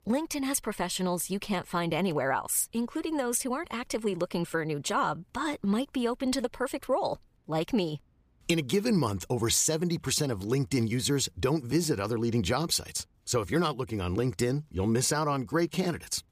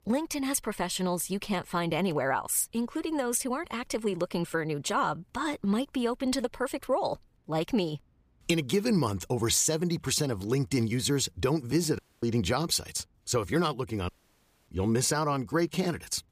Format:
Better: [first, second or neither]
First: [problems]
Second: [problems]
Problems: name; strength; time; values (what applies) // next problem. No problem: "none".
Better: first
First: none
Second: audio cutting out; at 12 s and at 14 s for 0.5 s